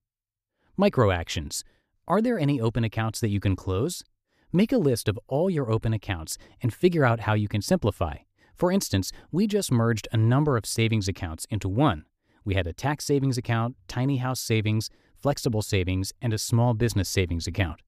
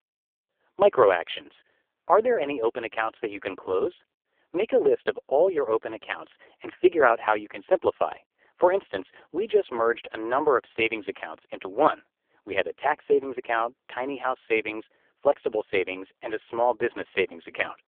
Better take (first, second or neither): first